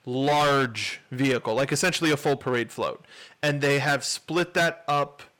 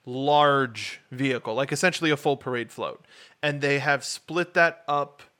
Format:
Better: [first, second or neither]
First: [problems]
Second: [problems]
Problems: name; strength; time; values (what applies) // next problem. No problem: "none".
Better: second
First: distortion; heavy; 11% of the sound clipped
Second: none